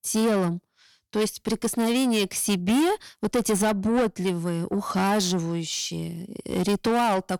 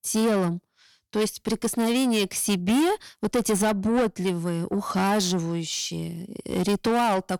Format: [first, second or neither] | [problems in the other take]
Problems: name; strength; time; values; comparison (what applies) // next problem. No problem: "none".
neither | distortion; heavy; 8 dB below the speech; the same in both